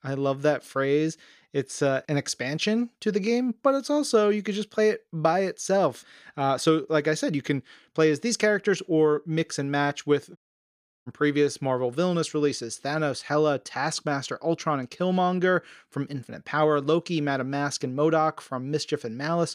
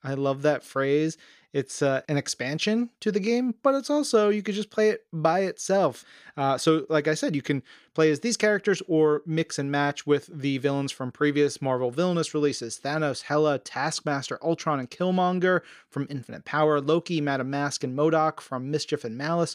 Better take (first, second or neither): second